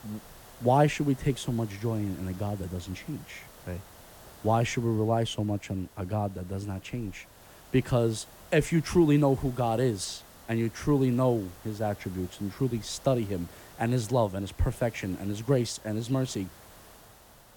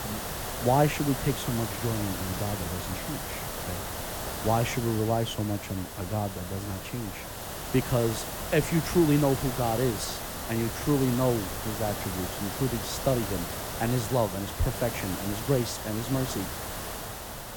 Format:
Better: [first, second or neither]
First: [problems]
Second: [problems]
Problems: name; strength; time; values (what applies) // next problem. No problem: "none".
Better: first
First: hiss; faint; throughout; 20 dB below the speech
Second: hiss; loud; throughout; 5 dB below the speech